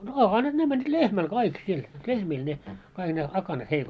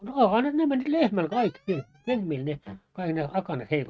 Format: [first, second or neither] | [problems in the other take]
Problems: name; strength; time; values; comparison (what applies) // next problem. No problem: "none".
first | noise reduction (neural mask model RNNoise)